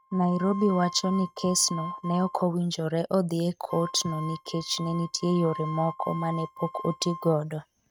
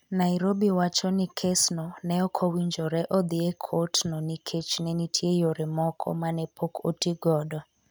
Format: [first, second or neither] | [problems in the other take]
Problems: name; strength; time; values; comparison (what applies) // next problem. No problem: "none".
second | noise reduction (neural mask model RNNoise)